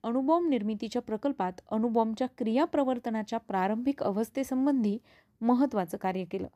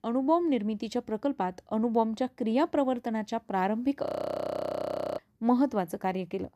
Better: first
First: none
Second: audio freezing; at 4 s for 1 s

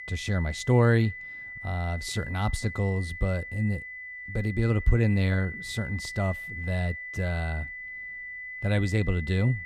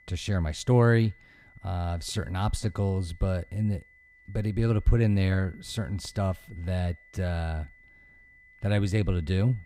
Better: second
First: high-pitched whine; loud; throughout; 2 kHz, 9 dB below the speech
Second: high-pitched whine; faint; throughout; 2 kHz, 25 dB below the speech

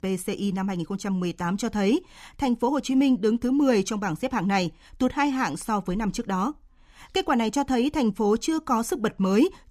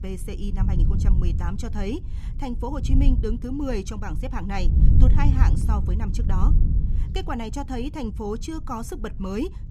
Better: first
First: none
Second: wind noise on the microphone; heavy; 7 dB below the speech

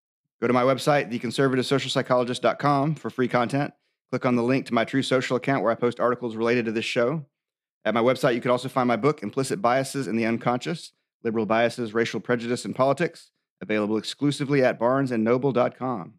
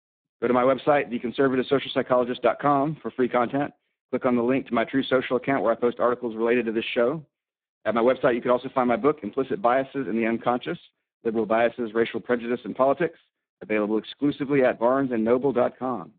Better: first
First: none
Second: phone-call audio; poor line; nothing above 3.5 kHz

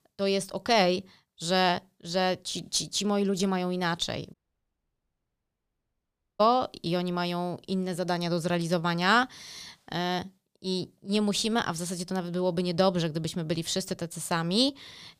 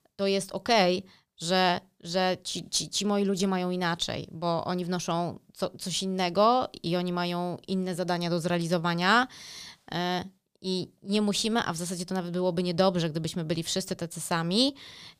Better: second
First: audio cutting out; at 4.5 s for 2 s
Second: none

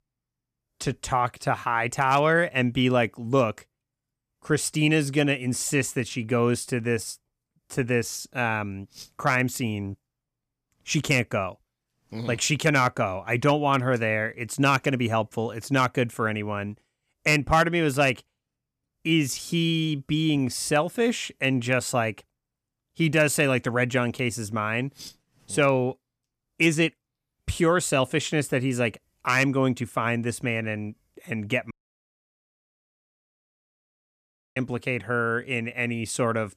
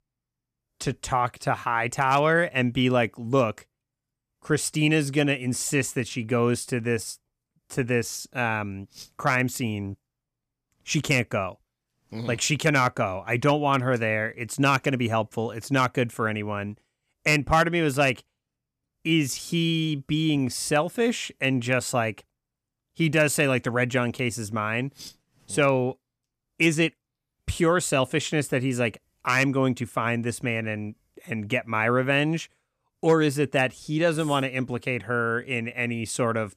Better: second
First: audio cutting out; at 32 s for 3 s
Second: none

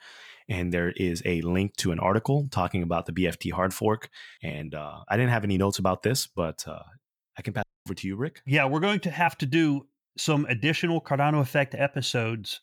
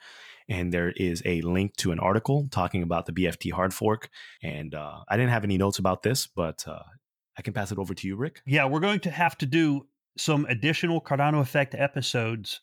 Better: second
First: audio cutting out; at 7.5 s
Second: none

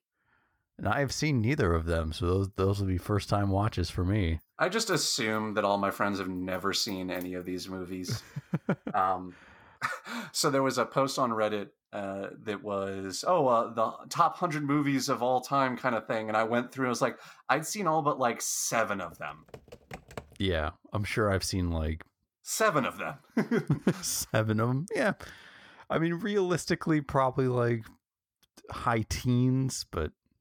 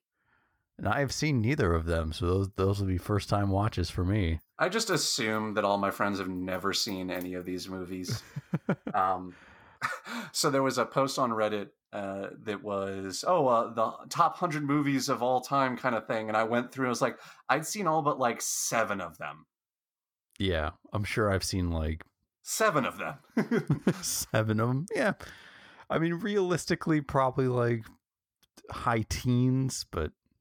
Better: second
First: keyboard typing; faint; from 19 to 20 s; peak 15 dB below the speech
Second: none

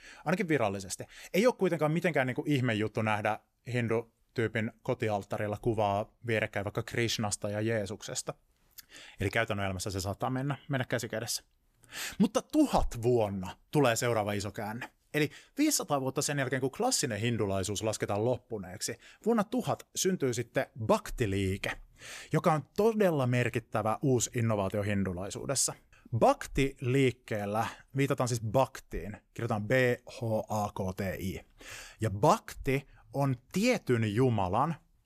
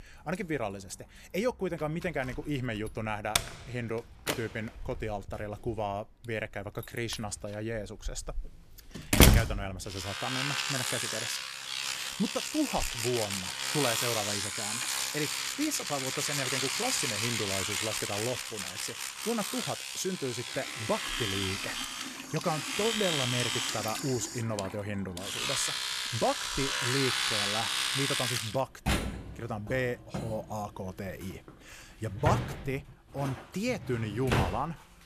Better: first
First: none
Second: household noises; very loud; throughout; 4 dB above the speech

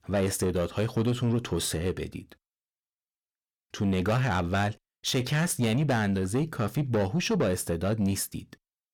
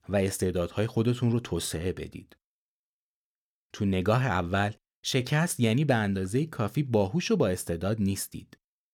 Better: second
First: distortion; slight; 10 dB below the speech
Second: none

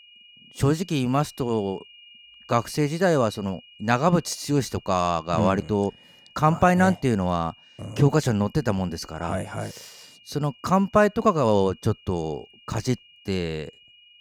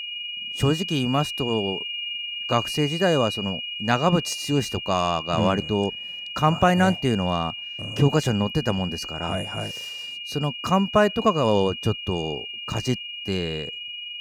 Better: first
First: high-pitched whine; faint; throughout; 3 kHz, 25 dB below the speech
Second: high-pitched whine; loud; throughout; 3 kHz, 7 dB below the speech

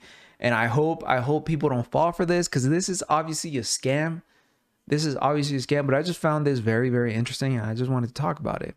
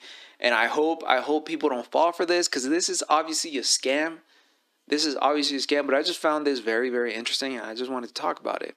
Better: first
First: none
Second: thin; somewhat; fading below 300 Hz

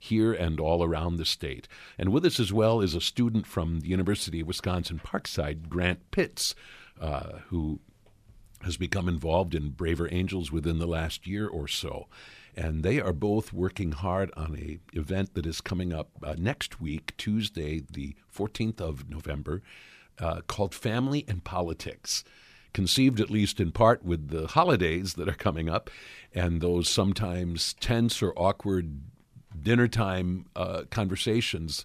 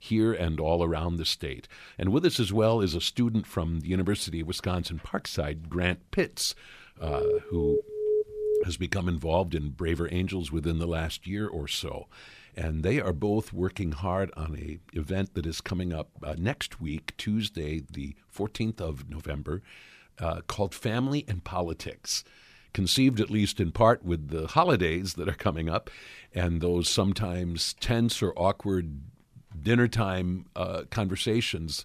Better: first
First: none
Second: alarm; loud; from 7 to 8.5 s; peak 1 dB above the speech

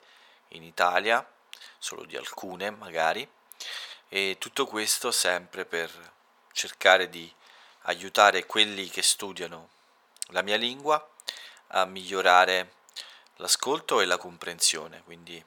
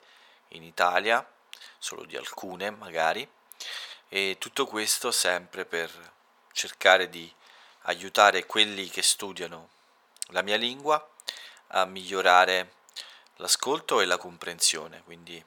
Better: neither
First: thin; very; fading below 800 Hz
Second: thin; very; fading below 800 Hz

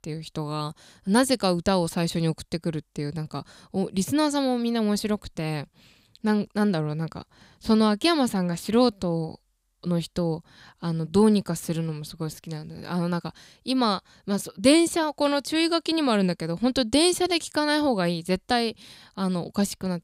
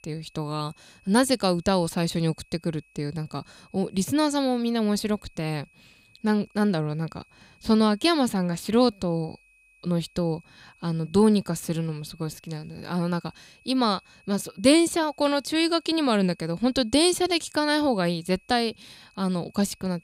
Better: first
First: none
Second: high-pitched whine; faint; throughout; 2.5 kHz, 30 dB below the speech

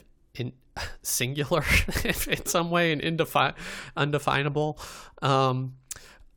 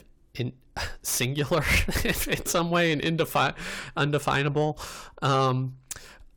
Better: first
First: none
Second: distortion; slight; 10 dB below the speech

